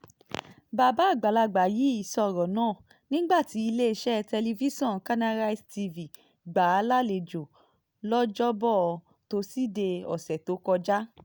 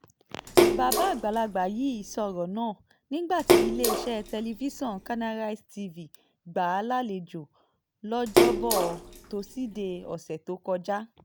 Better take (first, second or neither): first